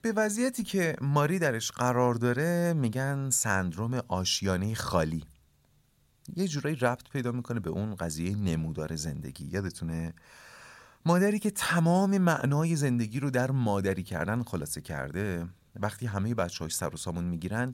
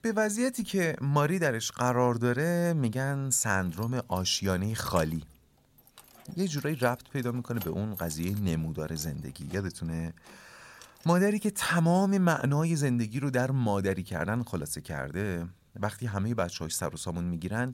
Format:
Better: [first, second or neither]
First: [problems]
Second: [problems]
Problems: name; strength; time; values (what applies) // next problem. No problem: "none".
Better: first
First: none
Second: jangling keys; faint; from 3.5 to 11 s; peak 15 dB below the speech